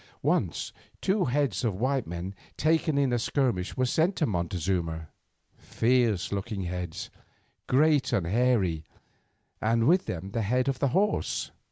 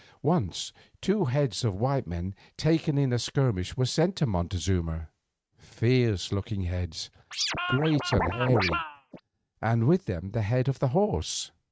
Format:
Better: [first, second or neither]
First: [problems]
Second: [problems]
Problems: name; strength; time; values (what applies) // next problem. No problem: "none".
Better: first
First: none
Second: noise reduction (neural mask model RNNoise)